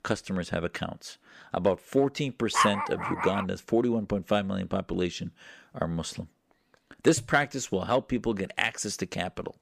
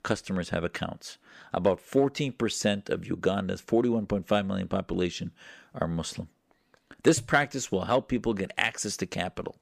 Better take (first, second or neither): second